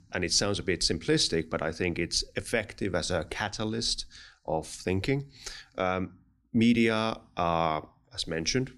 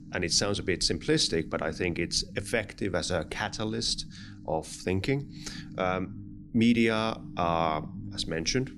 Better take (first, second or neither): first